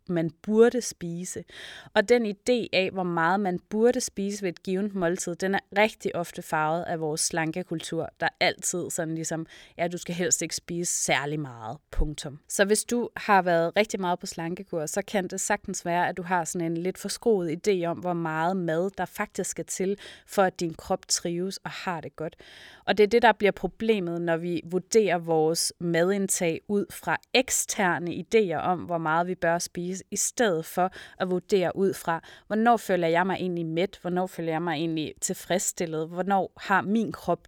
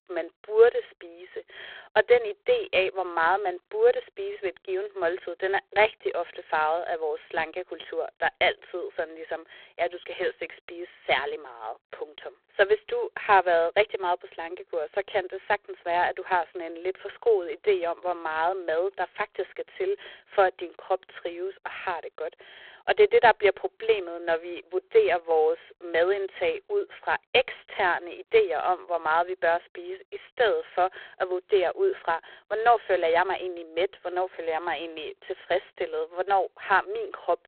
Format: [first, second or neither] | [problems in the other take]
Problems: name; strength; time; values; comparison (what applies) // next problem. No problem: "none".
first | phone-call audio; poor line